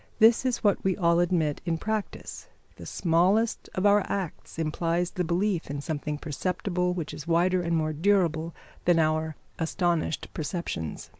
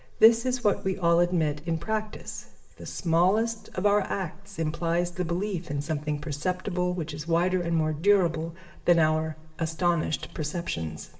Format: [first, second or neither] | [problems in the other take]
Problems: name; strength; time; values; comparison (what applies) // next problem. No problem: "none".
first | room echo; dies away in 0.6 s